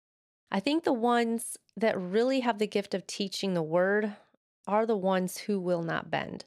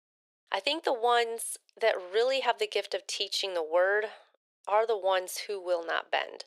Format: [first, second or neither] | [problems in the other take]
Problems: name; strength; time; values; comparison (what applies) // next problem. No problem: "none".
first | thin; very; fading below 450 Hz